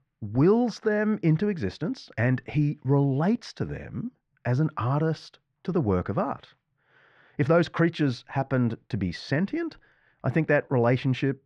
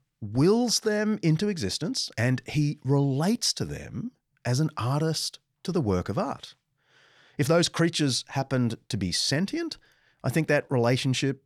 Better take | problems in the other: second | muffled; very; fading above 2 kHz

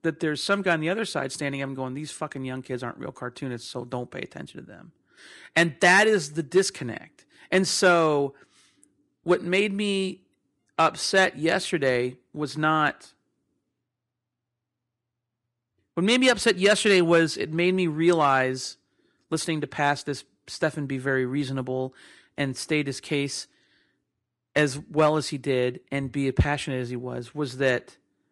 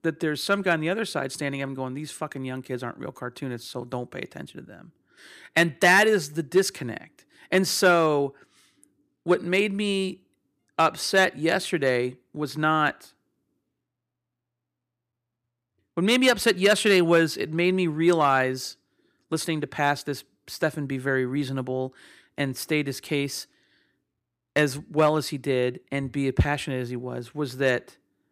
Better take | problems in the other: second | garbled, watery; slightly; nothing above 10.5 kHz

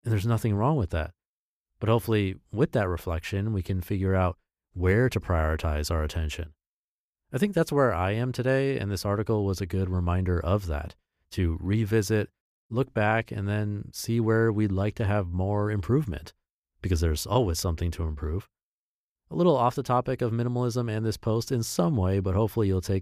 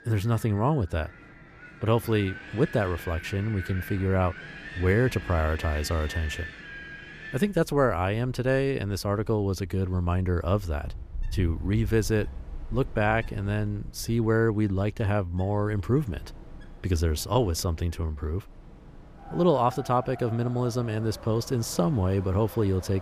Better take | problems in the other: first | wind in the background; noticeable; throughout; 15 dB below the speech

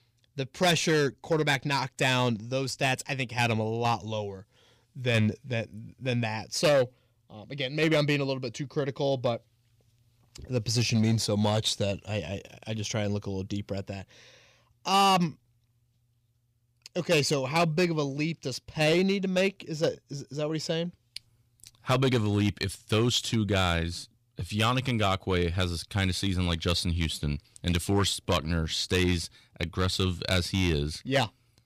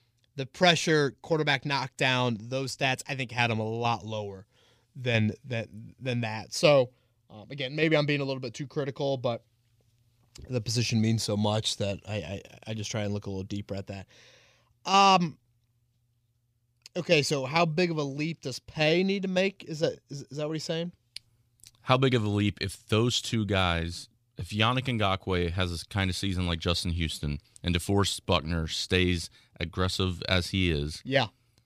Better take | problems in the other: second | distortion; slight; 3% of the sound clipped

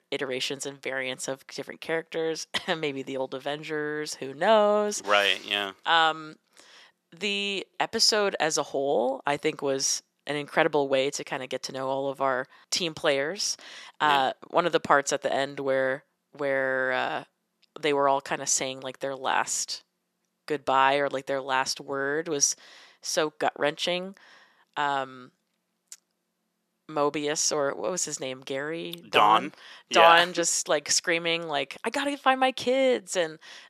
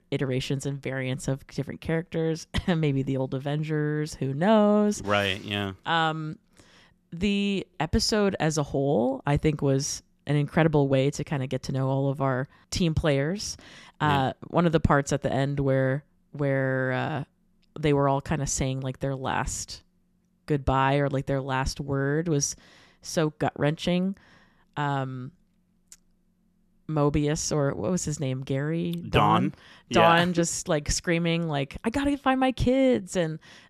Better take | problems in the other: second | thin; somewhat; fading below 500 Hz

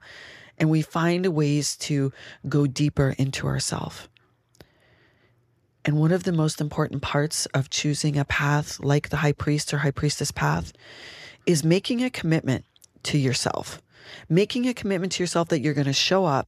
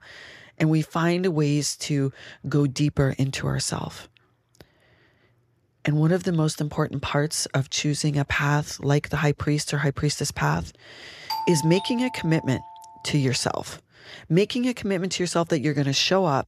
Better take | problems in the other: first | doorbell; noticeable; from 11 to 13 s; peak 6 dB below the speech

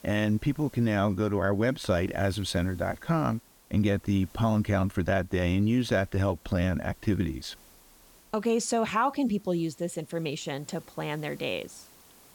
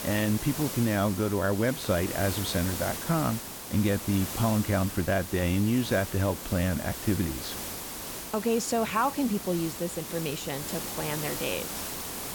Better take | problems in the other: first | hiss; loud; throughout; 6 dB below the speech; faint in the first

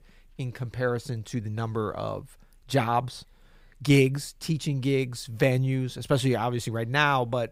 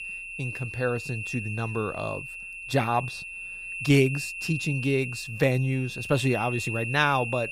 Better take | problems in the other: first | high-pitched whine; loud; throughout; 2.5 kHz, 7 dB below the speech

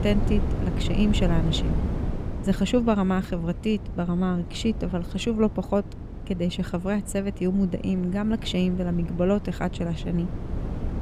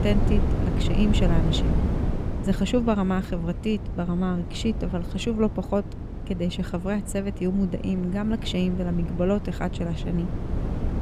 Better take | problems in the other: first | wind noise on the microphone; heavy; 7 dB below the speech; occasional gusts in the first

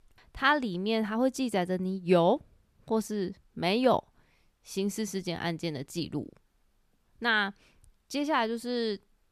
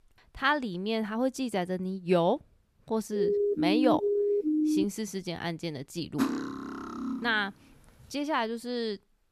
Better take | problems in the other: first | siren; loud; from 3 to 5 s; peak 4 dB above the speech // clattering dishes; loud; from 6 to 7.5 s; peak level with the speech

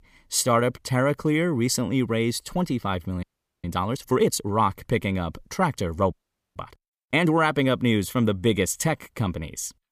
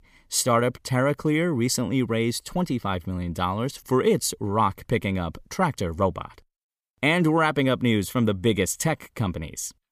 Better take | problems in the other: second | audio freezing; at 3 s and at 6 s

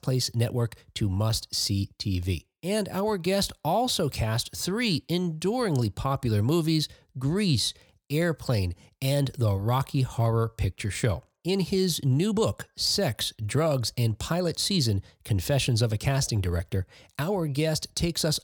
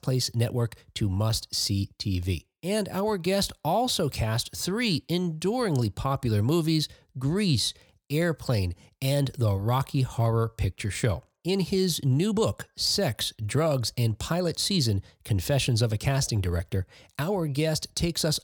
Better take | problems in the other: neither | none

